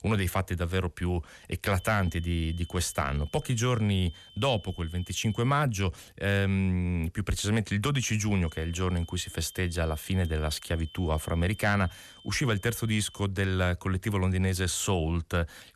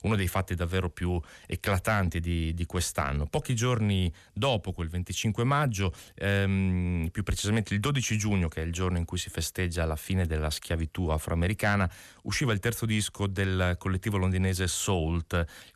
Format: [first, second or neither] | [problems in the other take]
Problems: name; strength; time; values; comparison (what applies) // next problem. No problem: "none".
second | high-pitched whine; faint; from 2 to 5.5 s and from 8.5 to 13 s; 3 kHz, 20 dB below the speech